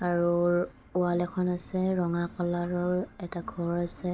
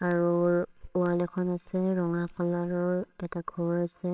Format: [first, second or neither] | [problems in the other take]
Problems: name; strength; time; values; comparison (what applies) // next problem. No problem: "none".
first | noise reduction (neural separator model SepFormer WHAMR!)